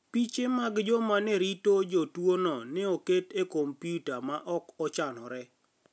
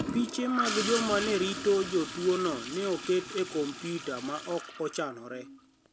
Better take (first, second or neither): first